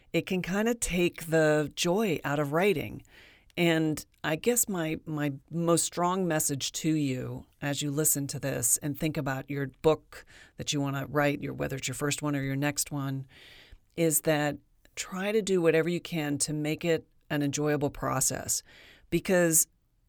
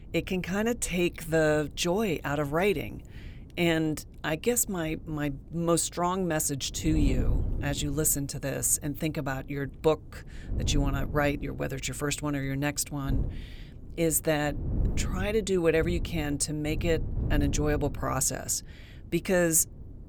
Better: first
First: none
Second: wind noise on the microphone; occasional gusts; 20 dB below the speech

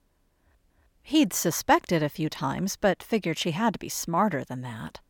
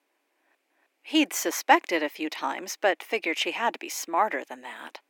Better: first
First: none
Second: thin; somewhat; fading below 300 Hz

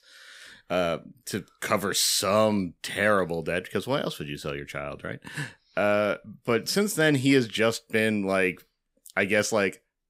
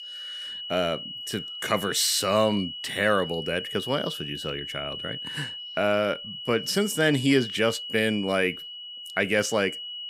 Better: first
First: none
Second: high-pitched whine; loud; throughout; 3 kHz, 8 dB below the speech

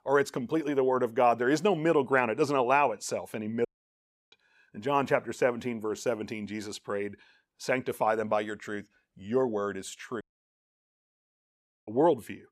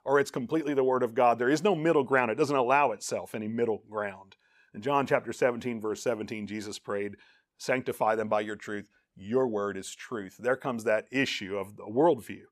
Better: second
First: audio cutting out; at 3.5 s for 0.5 s and at 10 s for 1.5 s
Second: none

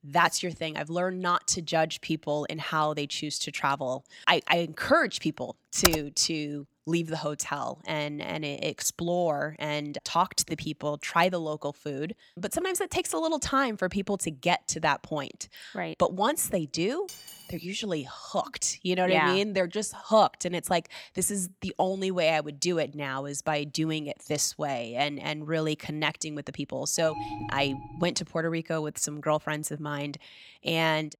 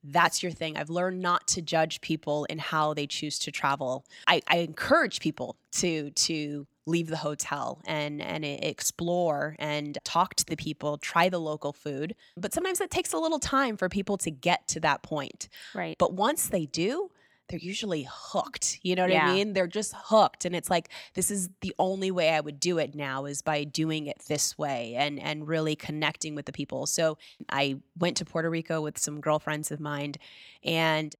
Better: second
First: keyboard typing; loud; at 6 s; peak 4 dB above the speech // clattering dishes; faint; at 17 s; peak 15 dB below the speech // alarm; noticeable; from 27 to 28 s; peak 8 dB below the speech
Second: none

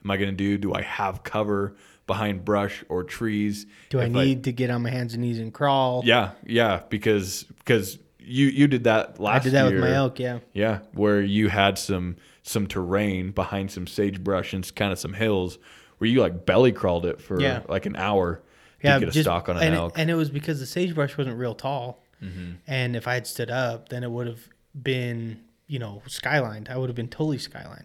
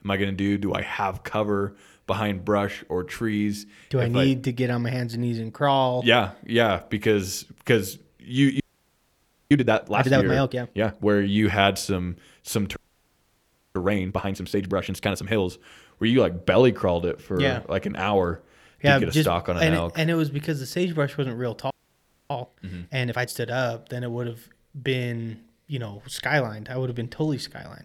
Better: first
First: none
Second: audio freezing; at 8.5 s for 1 s, at 13 s for 1 s and at 22 s for 0.5 s

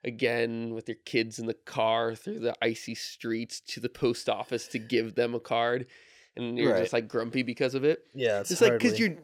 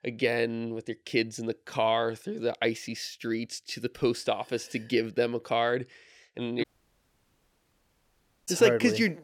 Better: first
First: none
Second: audio cutting out; at 6.5 s for 2 s

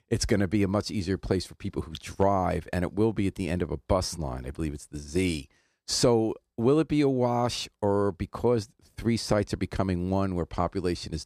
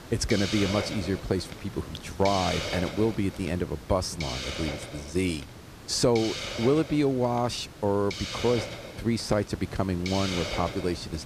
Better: first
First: none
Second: hiss; loud; throughout; 8 dB below the speech

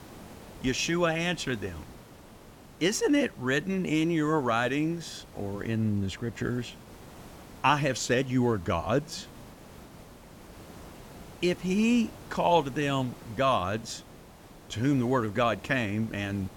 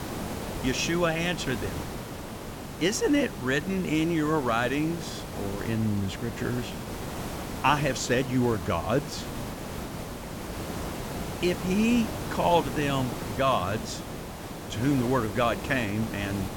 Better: first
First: hiss; faint; throughout; 20 dB below the speech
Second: hiss; loud; throughout; 8 dB below the speech

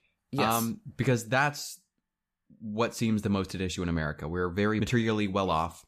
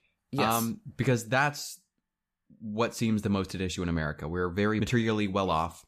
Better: neither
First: none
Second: none

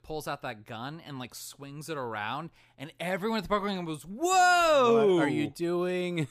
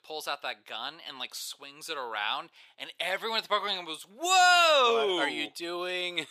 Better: first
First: none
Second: thin; very; fading below 550 Hz

